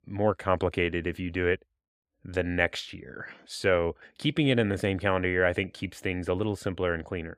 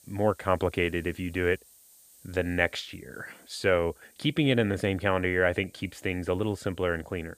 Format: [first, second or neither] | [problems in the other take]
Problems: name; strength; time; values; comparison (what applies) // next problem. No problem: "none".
first | hiss; faint; throughout; 30 dB below the speech